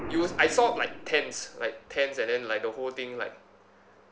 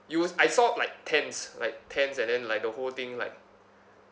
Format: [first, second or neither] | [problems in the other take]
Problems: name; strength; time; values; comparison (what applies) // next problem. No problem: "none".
second | background sound (Explosion); 14 dB below the speech